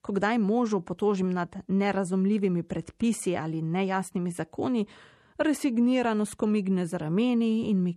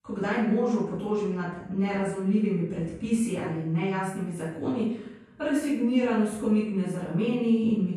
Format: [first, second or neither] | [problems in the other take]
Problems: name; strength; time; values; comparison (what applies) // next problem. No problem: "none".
first | off-mic speech; far // room echo; noticeable; dies away in 0.6 s